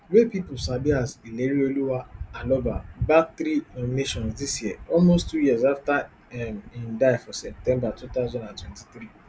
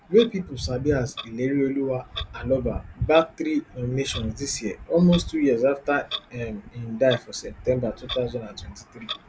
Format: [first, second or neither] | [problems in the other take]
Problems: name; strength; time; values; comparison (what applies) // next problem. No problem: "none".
first | background sound (Clock); 17 dB below the speech